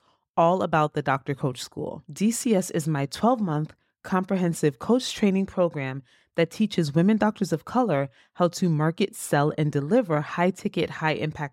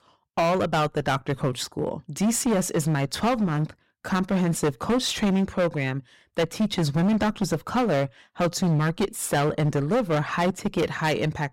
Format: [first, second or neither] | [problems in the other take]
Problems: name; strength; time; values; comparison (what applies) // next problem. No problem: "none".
first | distortion; heavy; 16% of the sound clipped